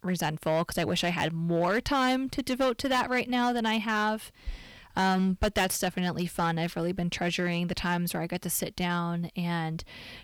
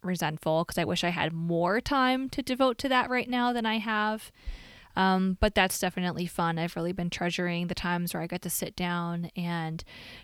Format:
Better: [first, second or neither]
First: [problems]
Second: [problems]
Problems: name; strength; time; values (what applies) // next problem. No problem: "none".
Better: second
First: distortion; slight; 6% of the sound clipped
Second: none